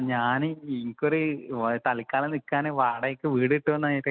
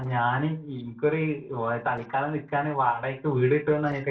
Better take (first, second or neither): first